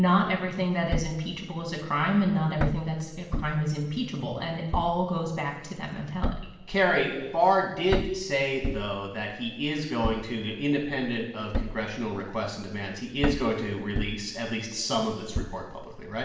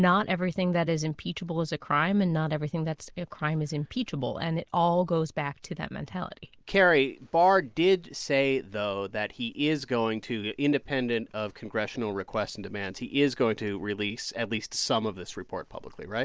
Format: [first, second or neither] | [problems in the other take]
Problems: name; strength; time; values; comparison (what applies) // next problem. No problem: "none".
second | background sound (Thump, thud); 8 dB below the speech // room echo; dies away in 1 s